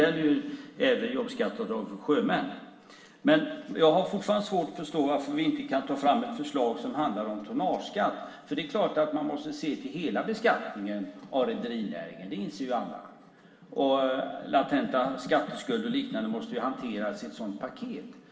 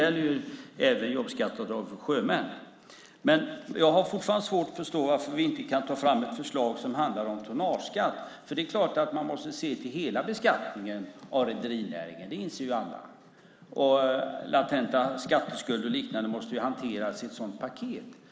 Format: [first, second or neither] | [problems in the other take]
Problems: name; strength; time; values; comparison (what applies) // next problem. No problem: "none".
second | room echo; dies away in 1 s